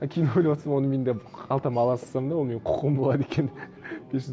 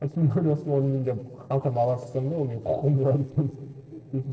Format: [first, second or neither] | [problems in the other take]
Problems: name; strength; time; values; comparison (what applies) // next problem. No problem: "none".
first | noise reduction (neural separator model SepFormer DNS4)